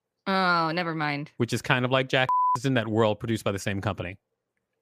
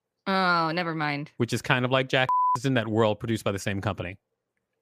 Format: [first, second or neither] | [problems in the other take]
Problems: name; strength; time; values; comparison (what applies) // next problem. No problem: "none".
neither | none